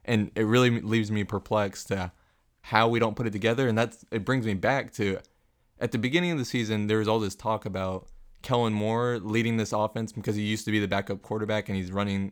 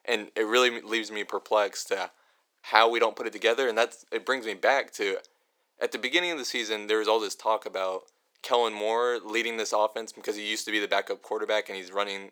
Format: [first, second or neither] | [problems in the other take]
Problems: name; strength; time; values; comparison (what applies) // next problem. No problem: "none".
first | thin; very; fading below 400 Hz